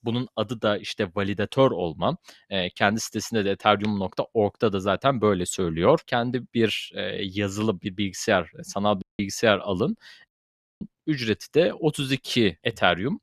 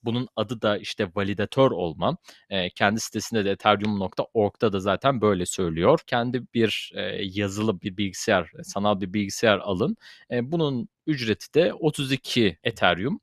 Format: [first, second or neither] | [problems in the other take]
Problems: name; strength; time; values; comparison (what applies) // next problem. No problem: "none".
second | audio cutting out; at 9 s and at 10 s for 0.5 s